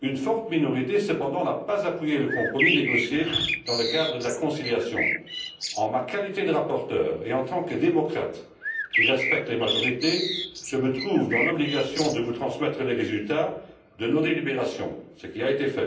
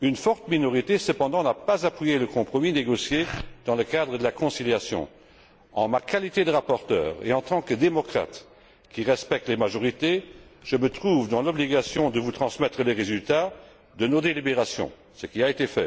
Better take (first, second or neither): second